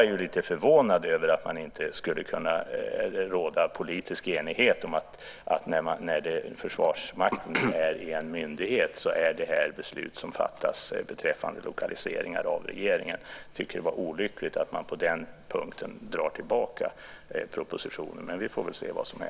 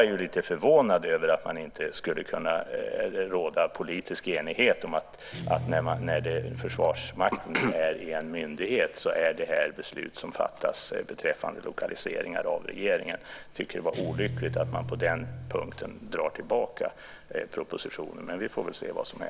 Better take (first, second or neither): first